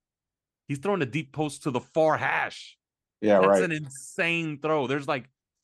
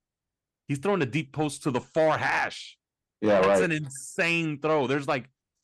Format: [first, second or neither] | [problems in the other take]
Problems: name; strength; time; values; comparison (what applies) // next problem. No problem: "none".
first | distortion; slight; 10 dB below the speech